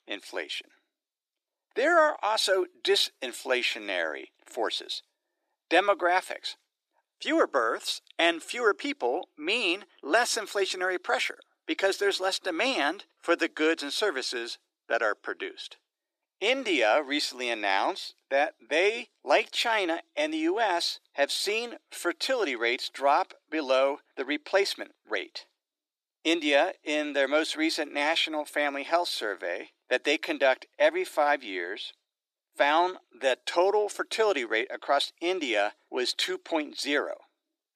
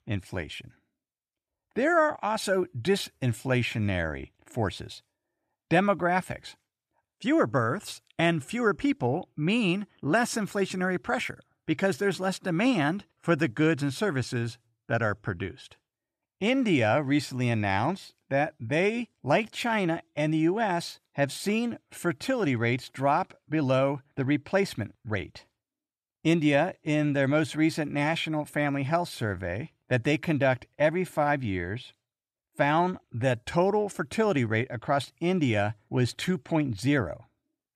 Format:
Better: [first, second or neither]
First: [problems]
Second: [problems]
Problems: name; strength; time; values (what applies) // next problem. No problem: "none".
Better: second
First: thin; very; fading below 350 Hz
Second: none